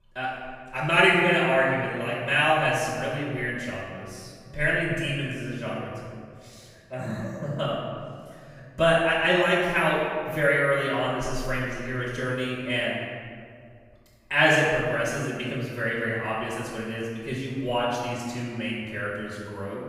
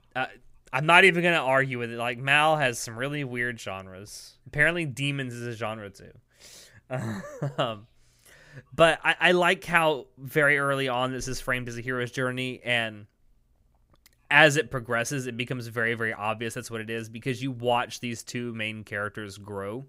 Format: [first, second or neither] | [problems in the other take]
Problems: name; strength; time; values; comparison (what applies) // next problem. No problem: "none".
second | off-mic speech; far // room echo; strong; dies away in 1.8 s